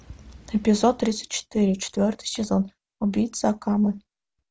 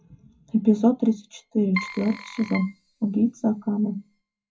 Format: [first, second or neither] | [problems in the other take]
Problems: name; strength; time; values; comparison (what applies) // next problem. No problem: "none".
first | noise reduction (classical method WPE with log-MMSE)